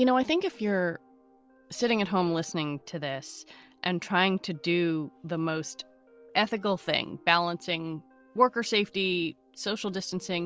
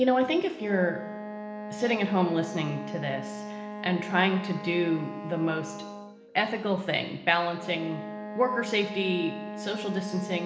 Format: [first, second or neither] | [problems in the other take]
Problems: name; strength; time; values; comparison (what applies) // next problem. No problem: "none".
first | background sound (Wind instrument, woodwind instrument); 10 dB below the speech // room echo; dies away in 1.1 s